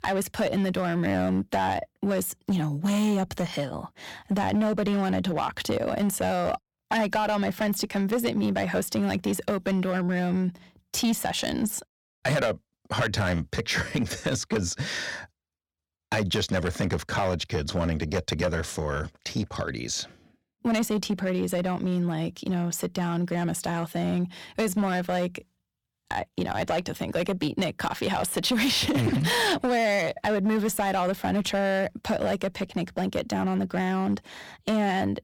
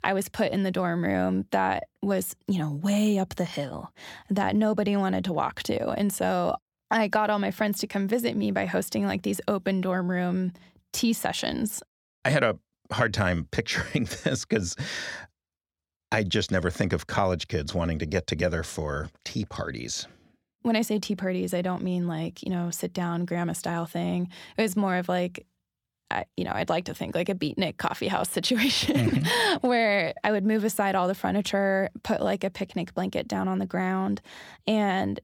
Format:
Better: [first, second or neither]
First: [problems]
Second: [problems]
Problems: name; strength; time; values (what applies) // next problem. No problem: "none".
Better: second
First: distortion; slight; 8% of the sound clipped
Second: none